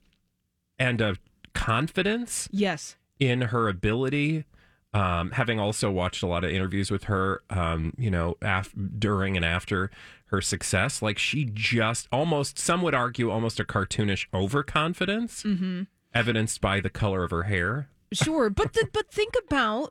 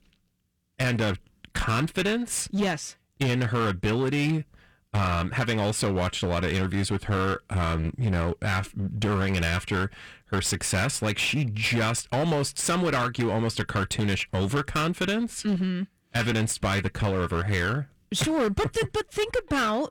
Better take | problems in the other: first | distortion; slight; 16% of the sound clipped

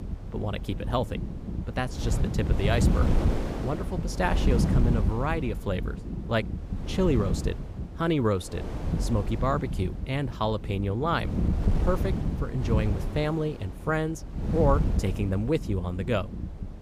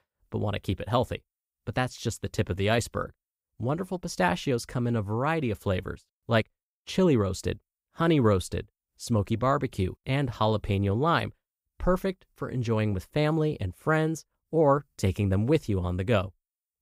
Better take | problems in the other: second | wind noise on the microphone; heavy; 8 dB below the speech

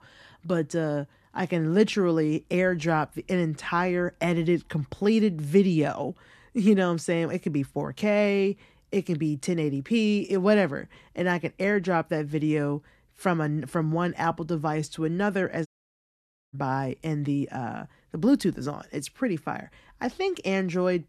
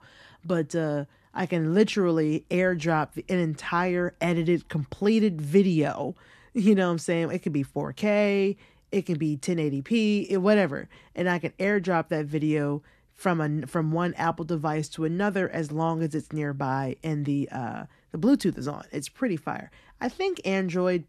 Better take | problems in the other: second | audio cutting out; at 16 s for 1 s

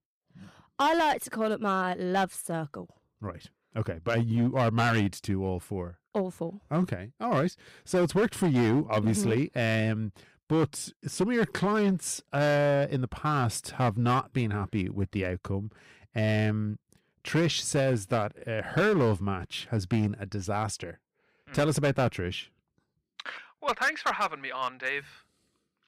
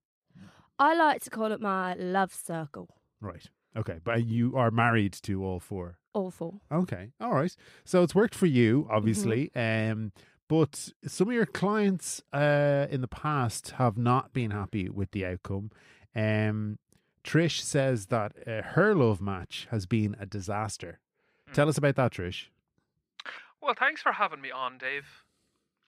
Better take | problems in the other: second | distortion; slight; 6% of the sound clipped

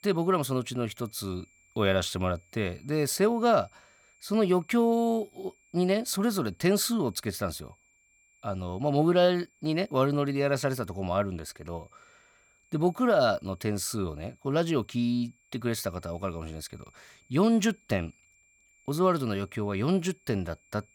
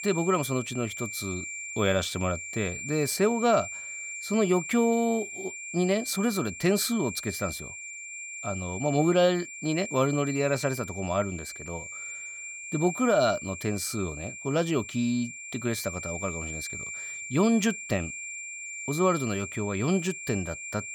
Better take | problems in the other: first | high-pitched whine; loud; throughout; 2.5 kHz, 9 dB below the speech; faint in the first

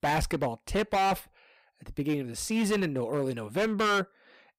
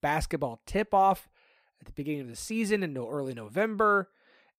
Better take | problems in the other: second | distortion; heavy; 13% of the sound clipped

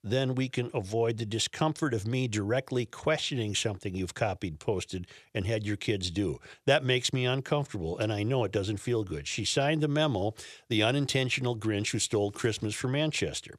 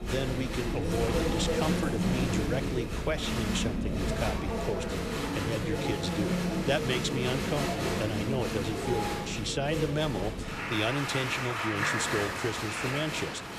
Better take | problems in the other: first | crowd noise; very loud; throughout; 2 dB above the speech

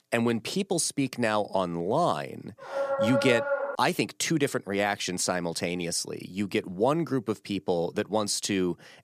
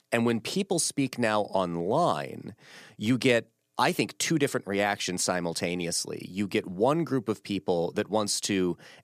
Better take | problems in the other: second | dog barking; loud; from 2.5 to 4 s; peak 1 dB above the speech

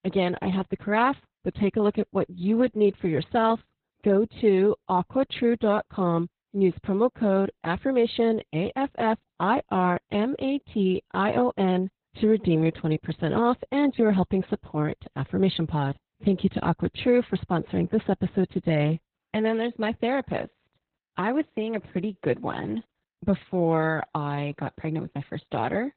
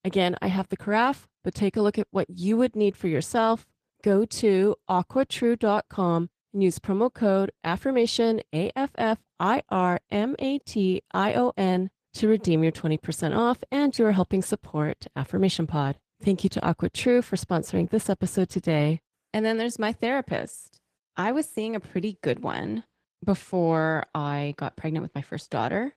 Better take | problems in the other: second | garbled, watery; badly; nothing above 4 kHz; slightly in the second

